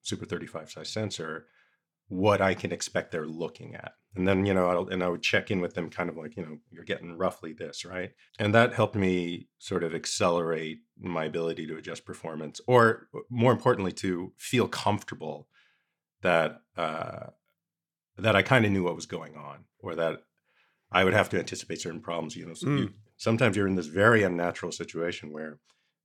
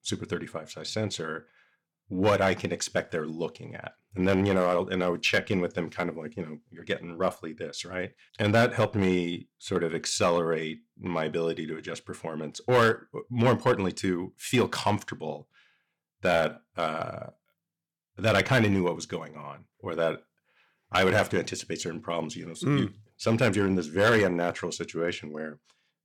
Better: first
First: none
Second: distortion; slight; 1.6% of the sound clipped

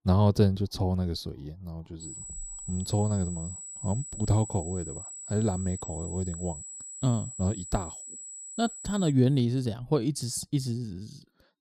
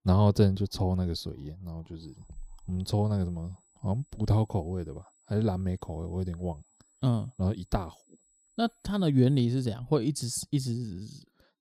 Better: second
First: high-pitched whine; loud; from 2 to 9 s; 8 kHz, 10 dB below the speech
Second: high-pitched whine; faint; from 2 to 9 s; 8 kHz, 35 dB below the speech

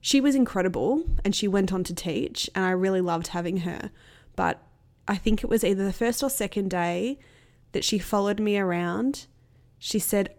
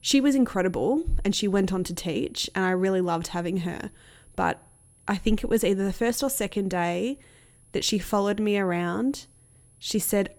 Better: first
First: none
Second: high-pitched whine; faint; throughout; 10.5 kHz, 30 dB below the speech

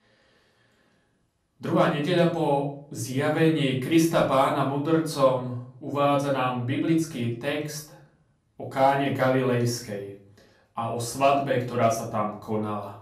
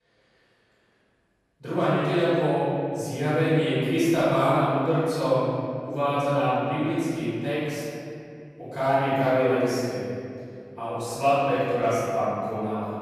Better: first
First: room echo; slight; dies away in 0.5 s // off-mic speech; far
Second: room echo; strong; dies away in 2.4 s // off-mic speech; far

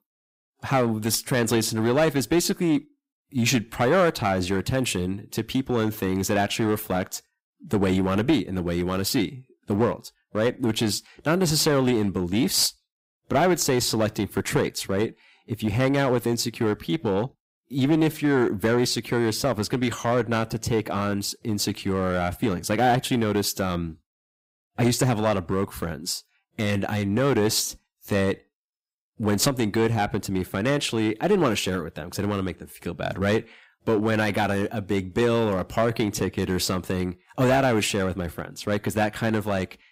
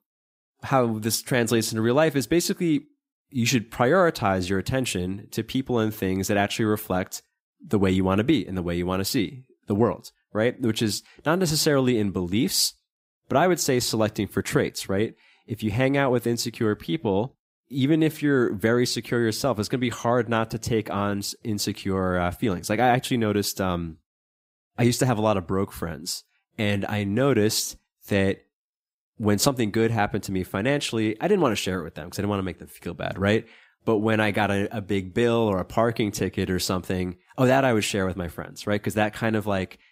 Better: second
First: distortion; slight; 5% of the sound clipped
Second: none

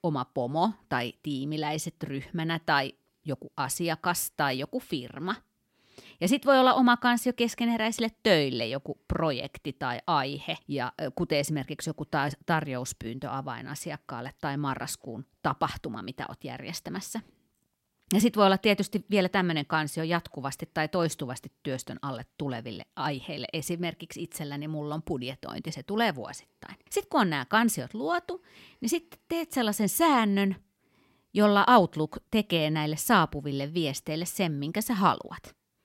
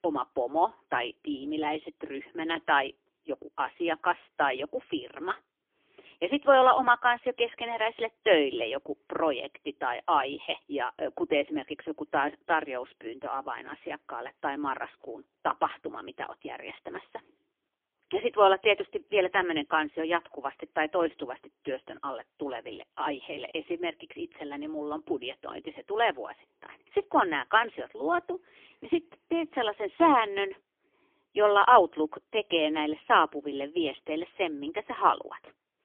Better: first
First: none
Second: phone-call audio; poor line; nothing above 3.5 kHz

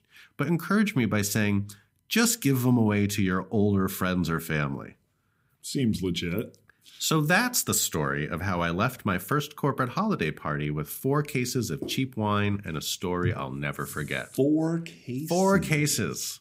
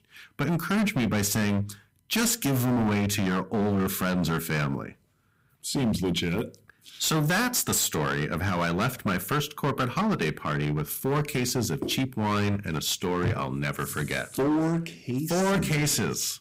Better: first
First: none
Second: distortion; heavy; 17% of the sound clipped

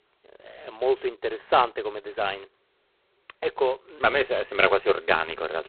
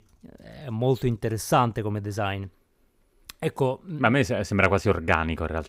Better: second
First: phone-call audio; poor line; nothing above 4 kHz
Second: none

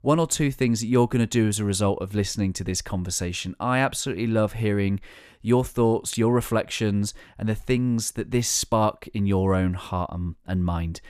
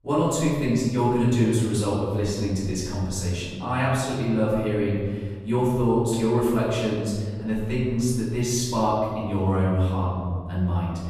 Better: first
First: none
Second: room echo; noticeable; dies away in 1.7 s // off-mic speech; far

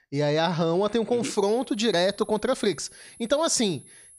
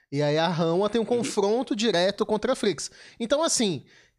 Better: second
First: high-pitched whine; faint; from 1.5 s on; 10.5 kHz, 25 dB below the speech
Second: none

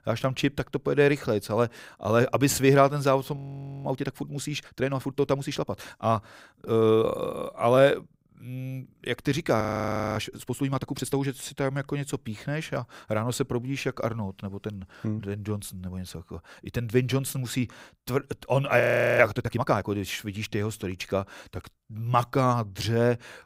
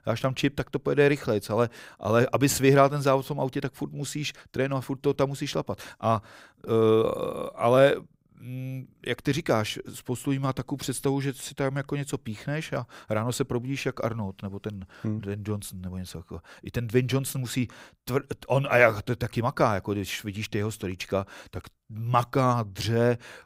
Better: second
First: audio freezing; at 3.5 s, at 9.5 s for 0.5 s and at 19 s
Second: none

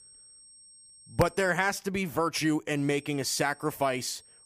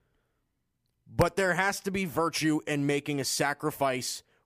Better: second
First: high-pitched whine; faint; until 1.5 s and from 3 s on; 8.5 kHz, 25 dB below the speech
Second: none

